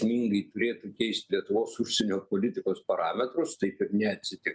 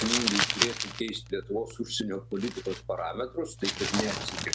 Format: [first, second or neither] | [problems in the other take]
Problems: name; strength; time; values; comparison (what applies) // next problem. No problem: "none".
first | background sound (Crumpling, crinkling); as loud as the speech